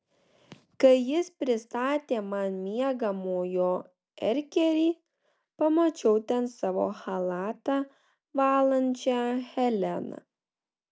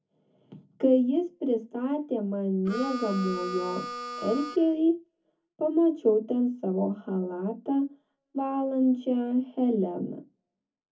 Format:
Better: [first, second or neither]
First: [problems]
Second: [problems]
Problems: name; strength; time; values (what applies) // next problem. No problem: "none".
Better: first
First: none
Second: background sound (Harmonica); 9 dB below the speech // room echo; dies away in 0.3 s